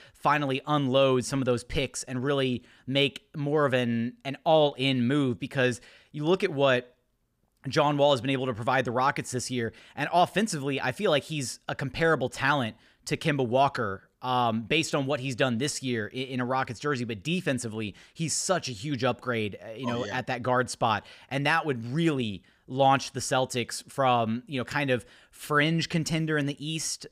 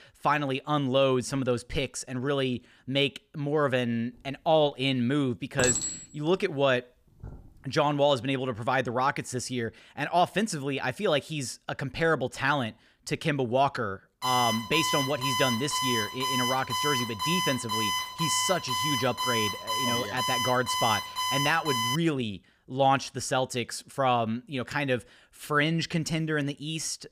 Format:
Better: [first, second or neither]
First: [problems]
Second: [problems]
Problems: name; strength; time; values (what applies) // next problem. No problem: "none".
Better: first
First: none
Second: clattering dishes; loud; from 5.5 to 7.5 s; peak 2 dB above the speech // alarm; loud; from 14 to 22 s; peak 1 dB above the speech